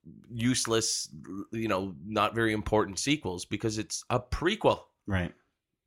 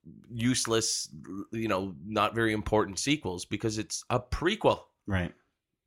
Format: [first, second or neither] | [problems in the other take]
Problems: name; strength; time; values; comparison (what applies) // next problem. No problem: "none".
neither | none